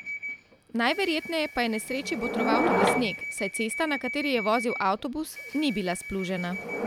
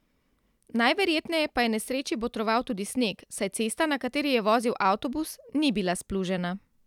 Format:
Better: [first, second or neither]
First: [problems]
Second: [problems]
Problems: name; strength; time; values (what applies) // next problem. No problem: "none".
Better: second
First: background sound (Subway, metro, underground / Door); 3 dB below the speech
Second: none